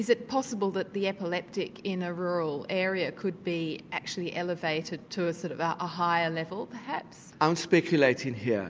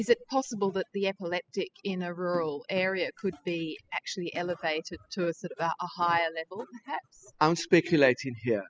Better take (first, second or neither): first